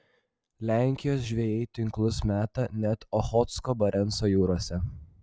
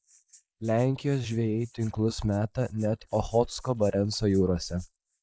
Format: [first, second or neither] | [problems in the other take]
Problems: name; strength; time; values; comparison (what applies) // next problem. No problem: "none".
first | noise reduction (neural mask model Resemble Enhance denoiser)